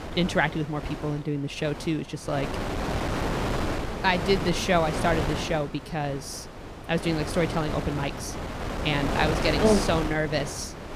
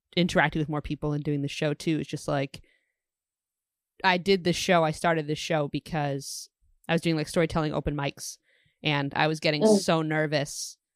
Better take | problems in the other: second | wind noise on the microphone; heavy; 5 dB below the speech

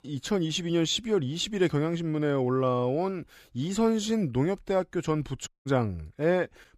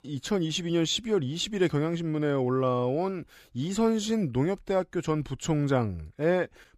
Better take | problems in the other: second | audio cutting out; at 5.5 s

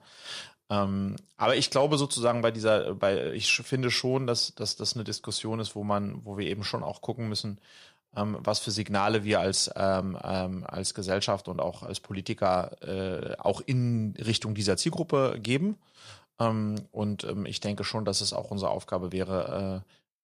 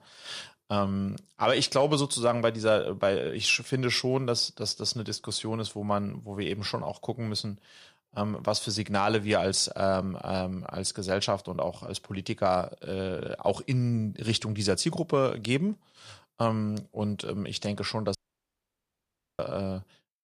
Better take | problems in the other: first | audio cutting out; at 18 s for 1 s

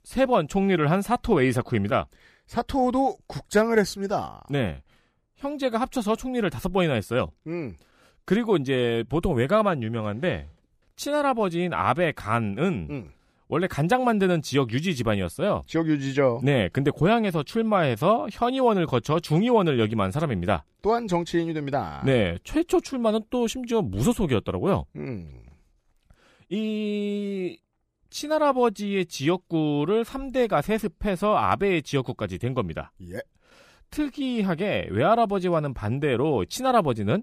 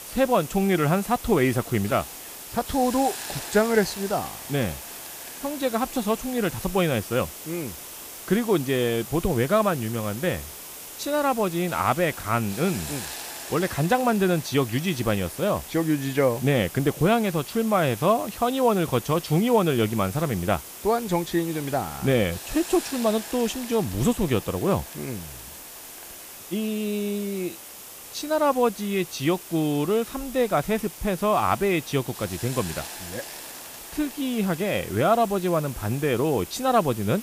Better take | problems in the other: first | hiss; noticeable; throughout; 10 dB below the speech

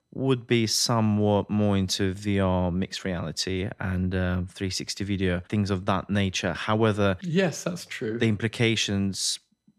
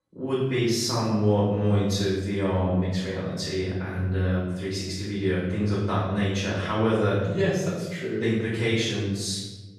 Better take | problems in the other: first | room echo; strong; dies away in 1.1 s // off-mic speech; far

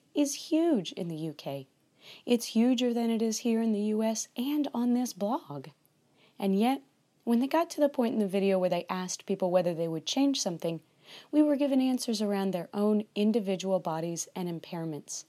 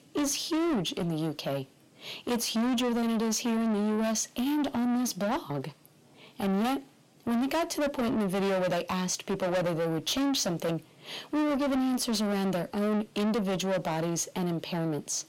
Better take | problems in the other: first | distortion; heavy; 6 dB below the speech

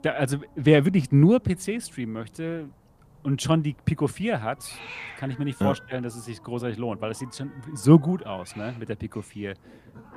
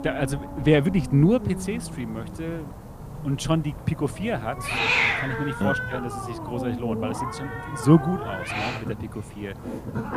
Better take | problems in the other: first | hiss; loud; throughout; 4 dB below the speech; faint in the first

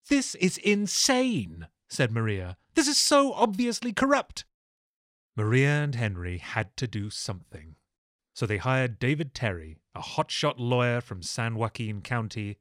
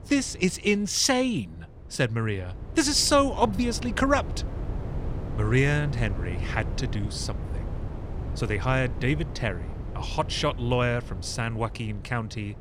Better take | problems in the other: first | wind noise on the microphone; occasional gusts; 15 dB below the speech

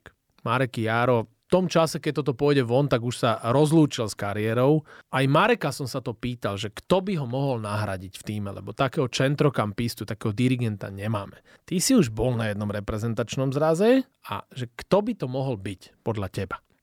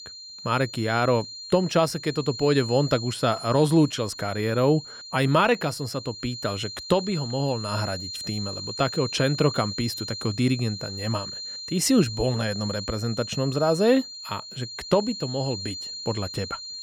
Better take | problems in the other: first | high-pitched whine; loud; throughout; 4 kHz, 9 dB below the speech

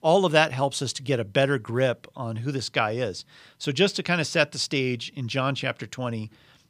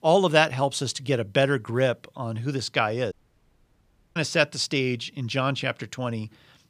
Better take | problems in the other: first | audio cutting out; at 3 s for 1 s

